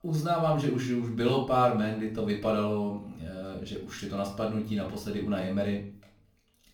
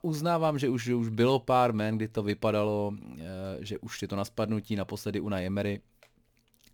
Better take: second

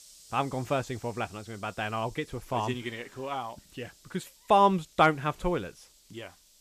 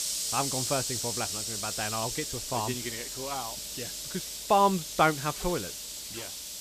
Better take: first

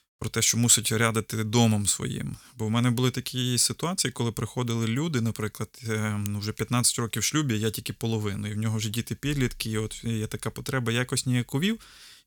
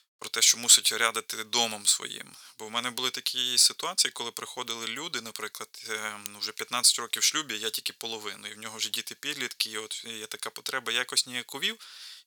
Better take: first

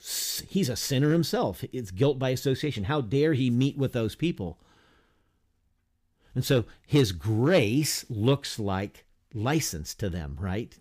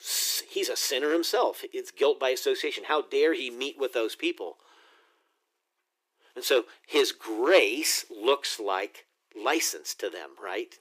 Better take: first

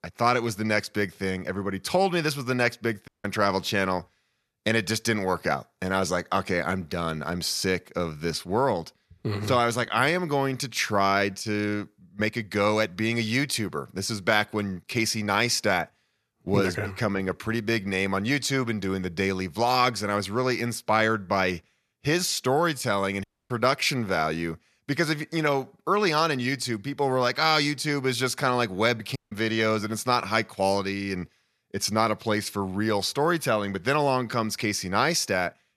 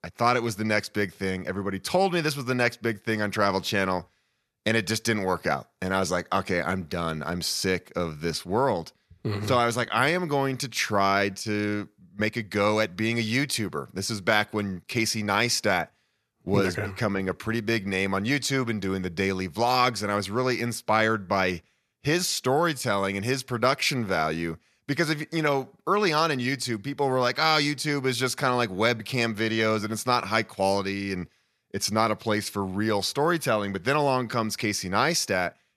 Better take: second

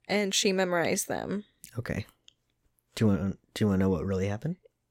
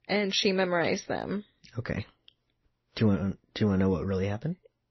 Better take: first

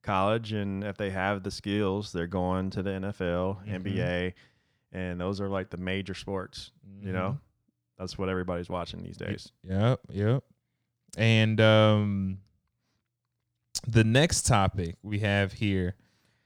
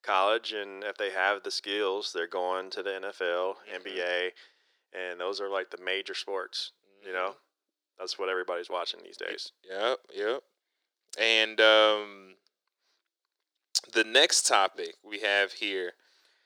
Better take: first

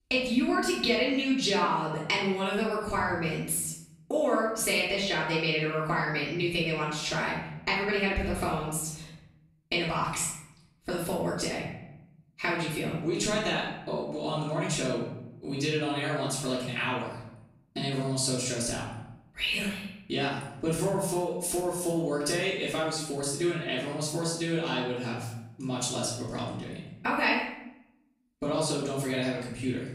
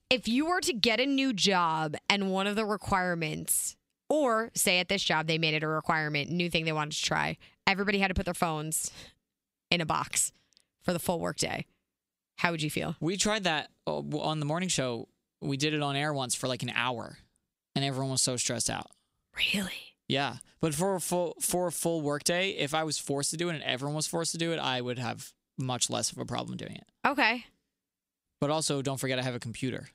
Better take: second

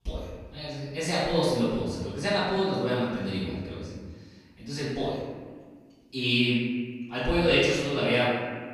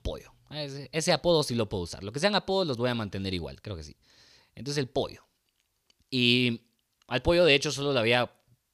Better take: second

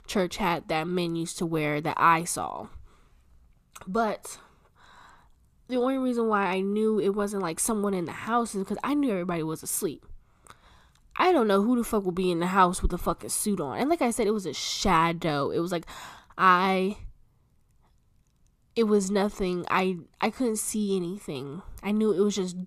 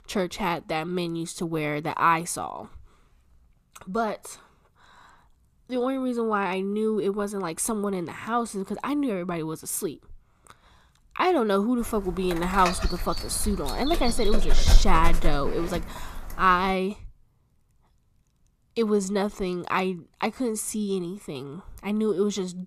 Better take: first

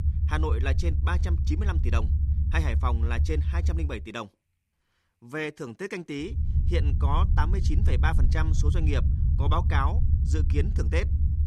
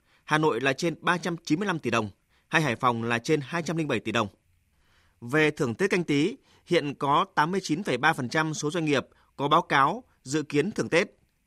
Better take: second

